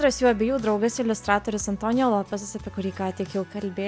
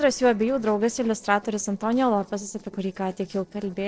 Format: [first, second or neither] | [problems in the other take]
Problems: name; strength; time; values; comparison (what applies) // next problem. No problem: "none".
first | noise reduction (neural separator model SepFormer DNS4)